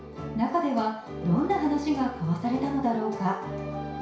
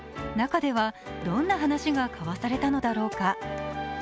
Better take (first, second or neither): second